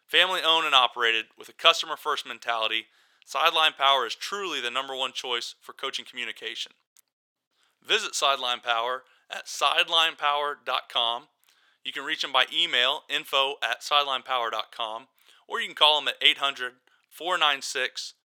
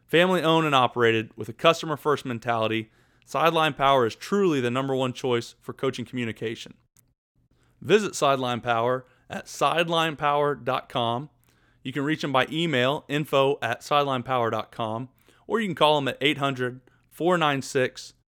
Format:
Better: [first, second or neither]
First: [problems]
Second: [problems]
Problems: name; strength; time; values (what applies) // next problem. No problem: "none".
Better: second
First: thin; very; fading below 800 Hz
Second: none